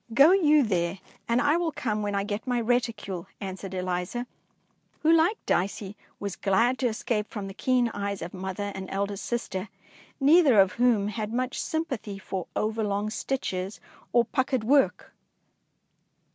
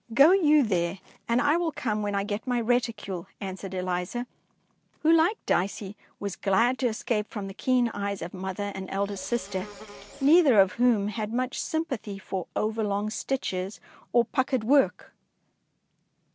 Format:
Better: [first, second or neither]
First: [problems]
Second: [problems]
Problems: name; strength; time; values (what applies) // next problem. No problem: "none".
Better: first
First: none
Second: background sound (Insect); 17 dB below the speech